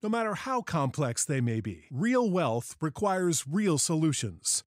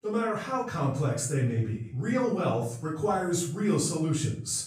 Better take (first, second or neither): first